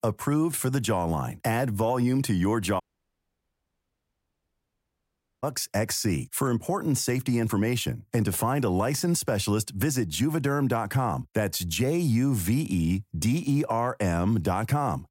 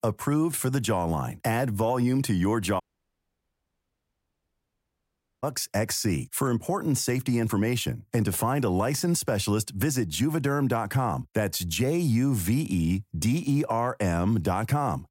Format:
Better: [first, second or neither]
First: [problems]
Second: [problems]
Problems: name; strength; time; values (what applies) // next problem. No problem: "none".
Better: neither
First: audio cutting out; at 3 s for 2.5 s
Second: audio cutting out; at 3 s for 2.5 s